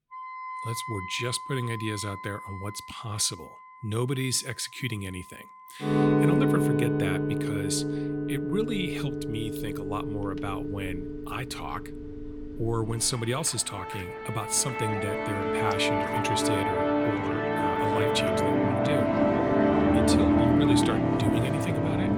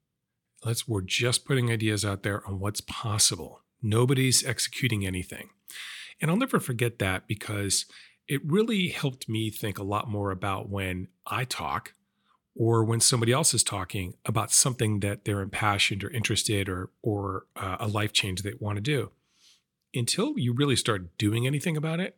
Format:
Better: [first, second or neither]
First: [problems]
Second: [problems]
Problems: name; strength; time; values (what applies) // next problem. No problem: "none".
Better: second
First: background music; very loud; throughout; 5 dB above the speech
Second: none